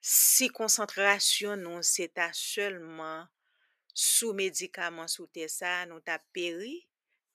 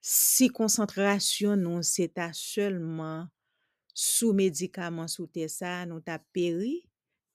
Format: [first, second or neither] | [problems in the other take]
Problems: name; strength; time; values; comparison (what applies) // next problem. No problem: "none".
second | thin; very; fading below 550 Hz